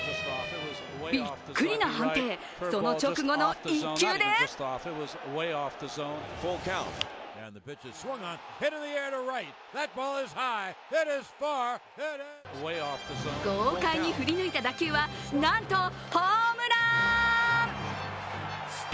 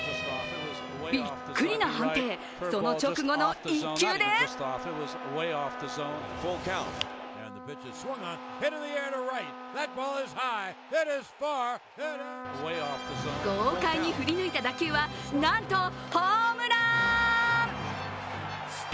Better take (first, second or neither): first